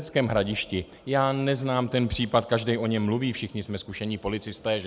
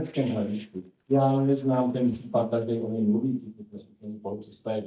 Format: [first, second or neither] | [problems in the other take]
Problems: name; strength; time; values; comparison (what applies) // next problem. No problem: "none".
first | noise reduction (neural mask model DeepFilterNet 3)